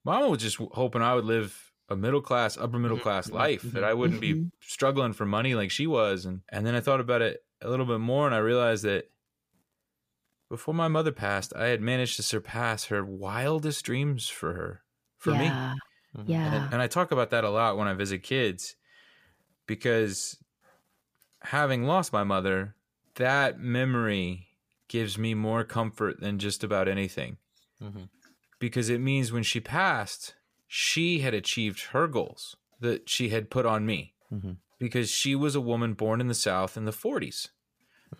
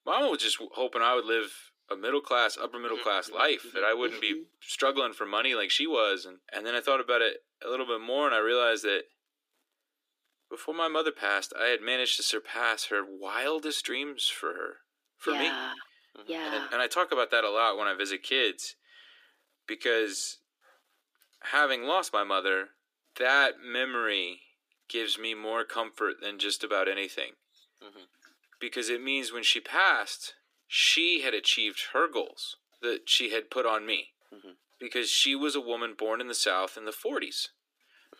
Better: first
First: none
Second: thin; somewhat; fading below 300 Hz

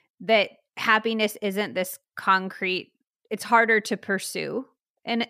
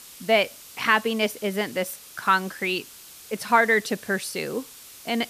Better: first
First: none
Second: hiss; noticeable; throughout; 20 dB below the speech

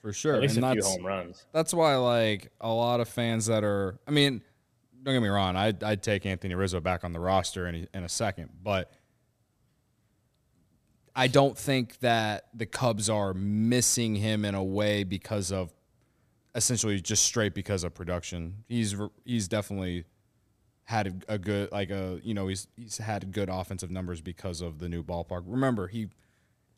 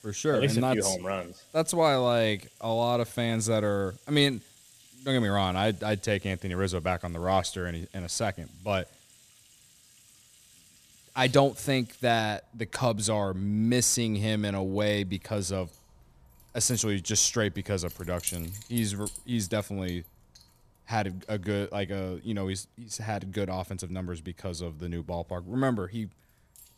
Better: first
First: none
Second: household noises; noticeable; throughout; 20 dB below the speech

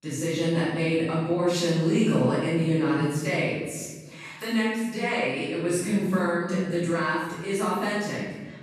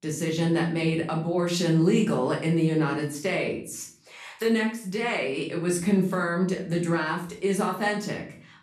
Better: second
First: room echo; strong; dies away in 1.4 s // off-mic speech; far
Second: room echo; slight; dies away in 0.5 s // off-mic speech; far

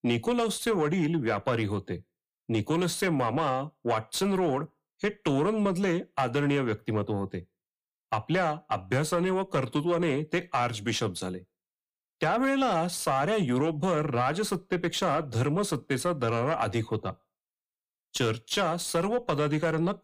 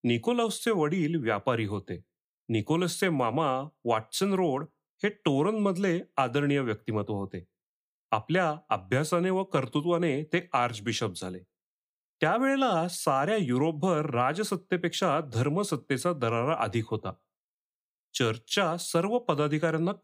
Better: second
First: distortion; slight; 10 dB below the speech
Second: none

